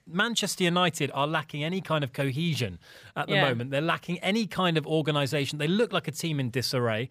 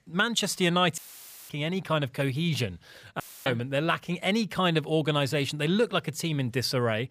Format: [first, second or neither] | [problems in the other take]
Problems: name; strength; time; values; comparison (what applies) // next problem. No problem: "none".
first | audio cutting out; filled with static; at 1 s for 0.5 s and at 3 s